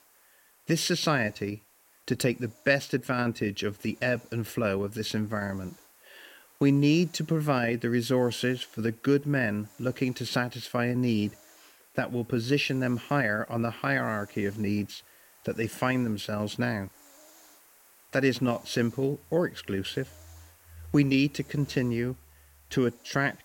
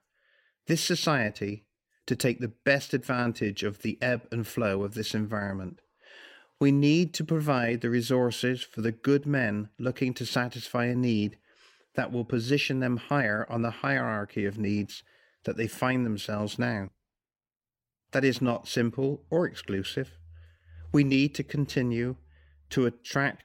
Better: second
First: hiss; faint; throughout; 25 dB below the speech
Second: none

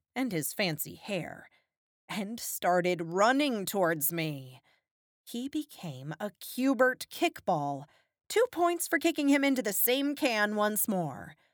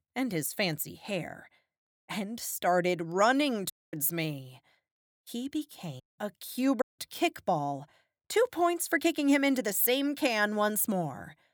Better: first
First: none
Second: audio cutting out; at 3.5 s, at 6 s and at 7 s

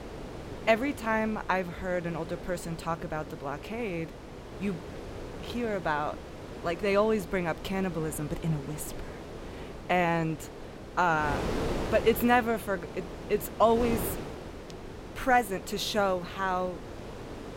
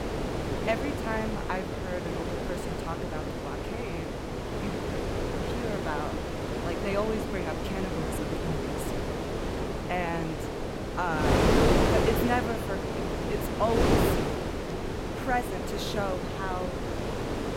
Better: first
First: wind noise on the microphone; occasional gusts; 15 dB below the speech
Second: wind noise on the microphone; heavy; 2 dB above the speech

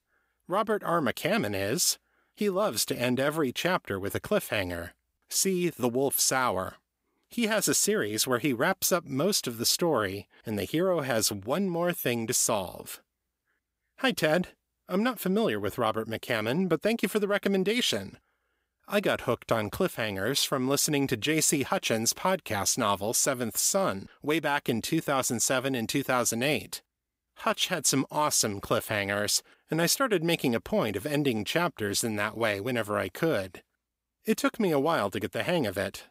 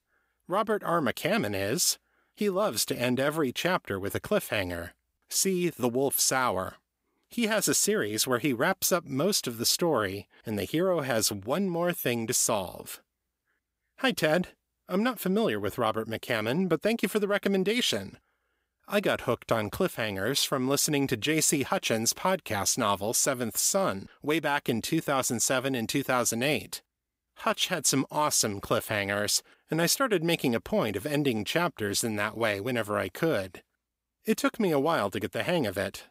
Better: neither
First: none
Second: none

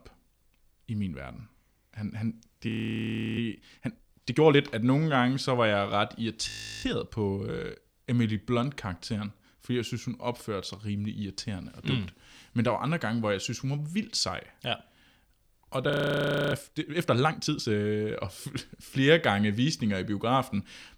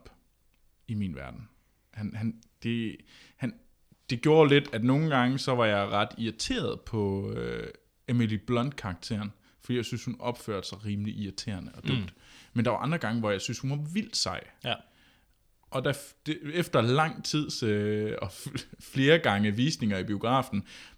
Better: second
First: audio freezing; at 2.5 s for 0.5 s, at 6.5 s and at 16 s for 0.5 s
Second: none

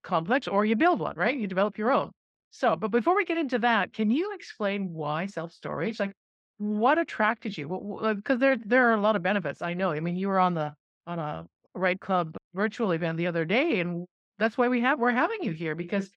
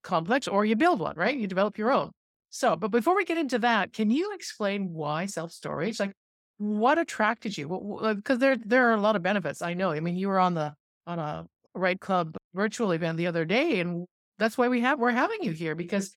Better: second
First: muffled; slightly; fading above 3 kHz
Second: none

